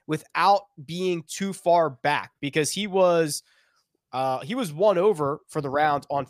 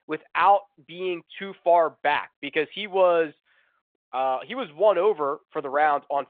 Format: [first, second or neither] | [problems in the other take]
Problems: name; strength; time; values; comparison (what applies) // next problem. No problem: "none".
first | phone-call audio